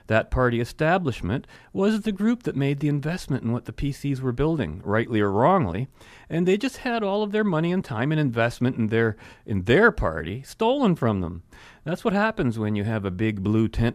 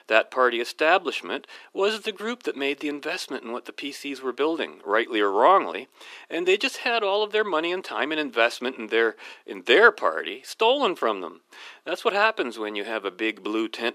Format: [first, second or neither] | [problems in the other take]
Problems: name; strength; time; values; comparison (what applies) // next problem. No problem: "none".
first | thin; very; fading below 300 Hz